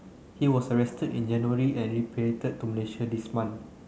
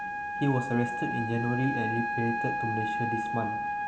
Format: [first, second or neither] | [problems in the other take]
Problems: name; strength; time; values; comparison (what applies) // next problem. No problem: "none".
first | background sound (Wind instrument, woodwind instrument); 1 dB below the speech